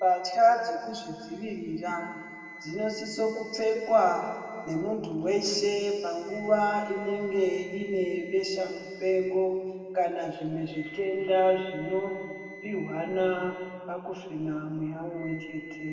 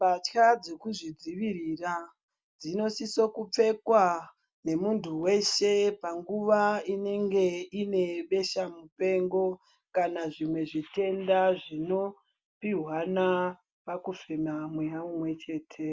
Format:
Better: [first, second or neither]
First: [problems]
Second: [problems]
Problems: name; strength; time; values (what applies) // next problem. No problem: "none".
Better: second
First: background sound (Wind instrument, woodwind instrument); 20 dB below the speech // room echo; dies away in 2.1 s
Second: none